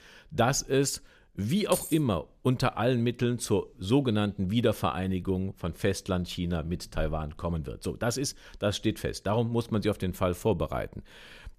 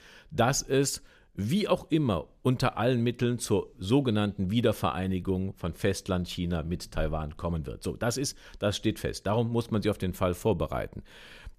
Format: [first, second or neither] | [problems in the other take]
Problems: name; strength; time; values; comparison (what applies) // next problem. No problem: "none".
second | jangling keys; noticeable; at 1.5 s; peak 5 dB below the speech